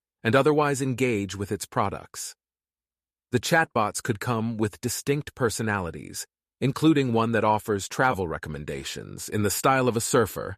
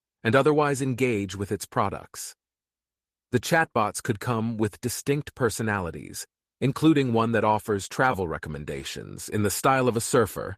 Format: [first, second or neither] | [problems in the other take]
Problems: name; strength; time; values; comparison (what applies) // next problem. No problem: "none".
first | garbled, watery; slightly; nothing above 14.5 kHz